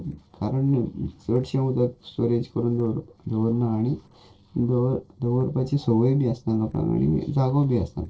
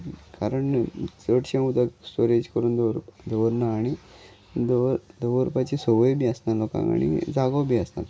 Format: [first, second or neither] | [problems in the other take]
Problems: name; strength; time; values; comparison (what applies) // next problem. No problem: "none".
second | noise reduction (neural separator model SepFormer DNS4)